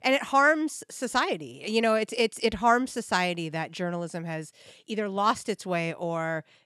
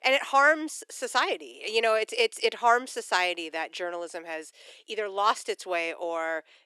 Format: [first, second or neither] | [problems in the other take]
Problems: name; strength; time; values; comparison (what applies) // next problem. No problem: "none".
first | thin; very; fading below 350 Hz